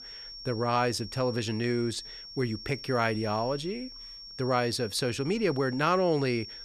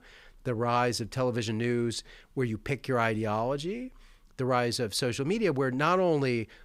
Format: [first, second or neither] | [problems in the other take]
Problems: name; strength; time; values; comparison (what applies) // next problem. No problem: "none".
second | high-pitched whine; noticeable; throughout; 5.5 kHz, 15 dB below the speech